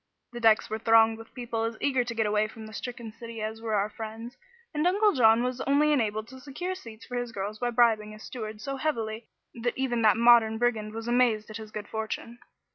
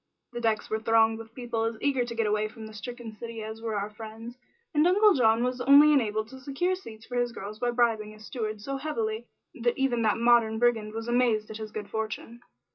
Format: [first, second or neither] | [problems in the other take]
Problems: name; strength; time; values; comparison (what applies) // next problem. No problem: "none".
first | room echo; dies away in 0.2 s